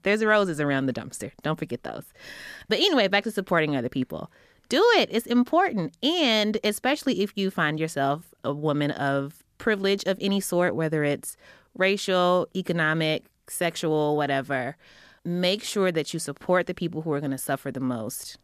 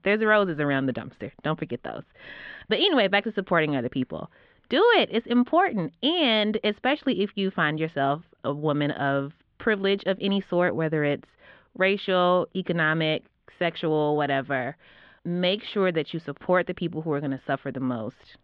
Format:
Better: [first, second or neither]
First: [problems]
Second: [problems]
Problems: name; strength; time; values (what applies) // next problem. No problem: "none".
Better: first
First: none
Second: muffled; slightly; fading above 3.5 kHz